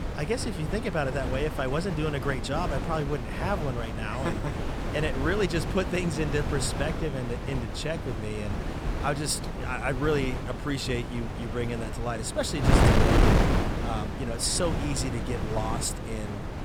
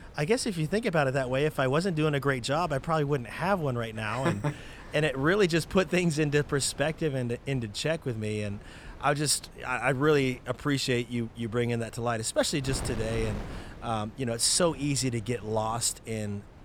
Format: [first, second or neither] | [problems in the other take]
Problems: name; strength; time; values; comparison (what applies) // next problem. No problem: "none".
second | wind noise on the microphone; heavy; 2 dB below the speech; occasional gusts in the second